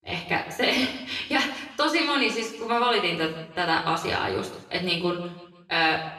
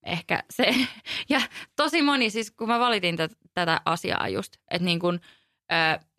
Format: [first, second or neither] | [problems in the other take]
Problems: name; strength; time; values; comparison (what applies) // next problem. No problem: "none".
second | room echo; slight; dies away in 0.9 s // off-mic speech; far